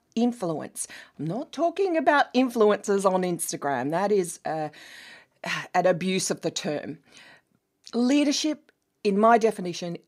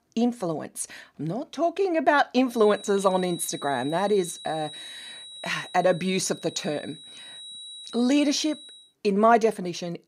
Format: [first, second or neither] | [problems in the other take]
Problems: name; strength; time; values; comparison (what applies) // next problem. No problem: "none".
first | high-pitched whine; noticeable; from 2.5 to 9 s; 4 kHz, 15 dB below the speech